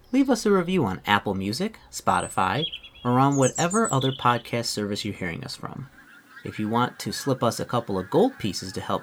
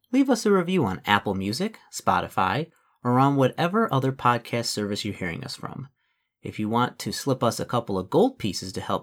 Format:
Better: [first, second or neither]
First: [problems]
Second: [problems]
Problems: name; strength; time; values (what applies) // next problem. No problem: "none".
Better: second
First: animal sounds; noticeable; throughout; 10 dB below the speech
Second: none